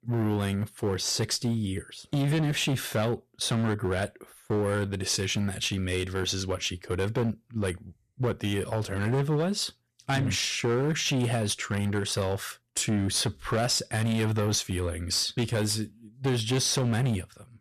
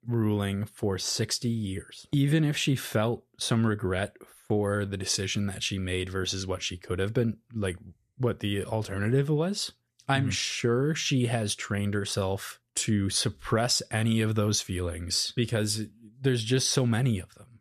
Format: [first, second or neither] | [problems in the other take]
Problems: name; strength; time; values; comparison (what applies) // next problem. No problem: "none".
second | distortion; slight; 12% of the sound clipped